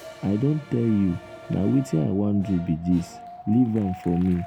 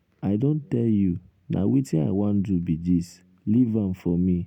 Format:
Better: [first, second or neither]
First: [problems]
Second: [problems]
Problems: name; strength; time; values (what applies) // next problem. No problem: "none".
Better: second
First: background sound (Wind + Applause); 18 dB below the speech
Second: none